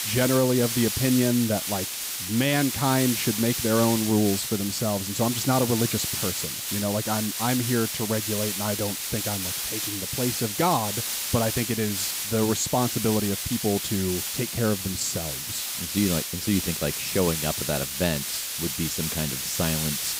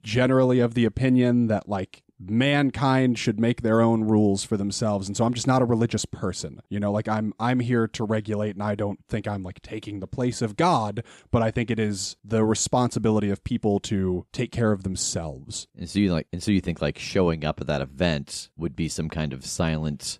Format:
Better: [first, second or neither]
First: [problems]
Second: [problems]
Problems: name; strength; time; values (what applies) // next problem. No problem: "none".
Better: second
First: hiss; loud; throughout; 1 dB below the speech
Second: none